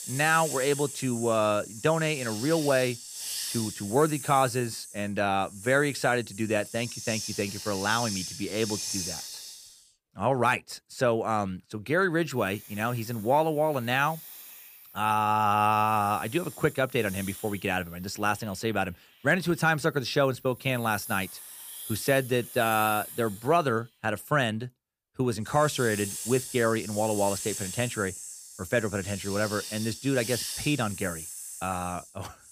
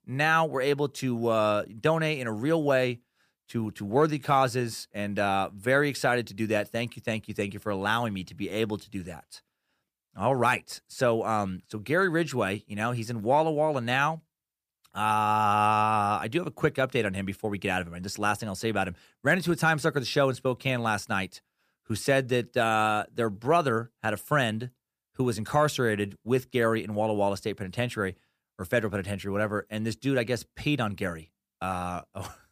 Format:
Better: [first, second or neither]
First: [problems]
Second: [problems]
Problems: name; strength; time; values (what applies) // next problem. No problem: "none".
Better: second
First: hiss; loud; throughout; 9 dB below the speech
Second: none